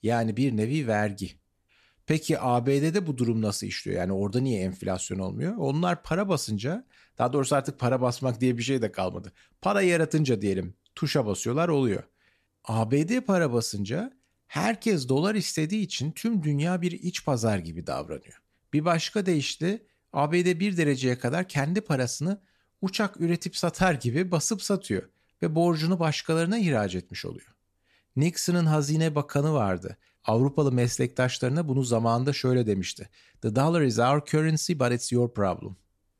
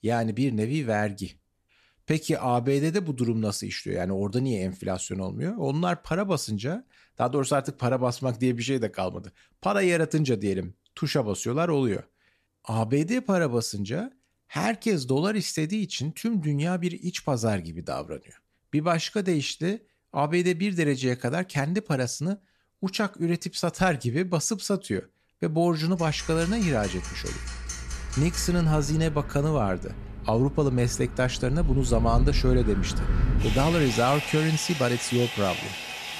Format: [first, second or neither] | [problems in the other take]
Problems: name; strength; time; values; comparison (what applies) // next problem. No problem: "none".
first | household noises; loud; from 26 s on; 6 dB below the speech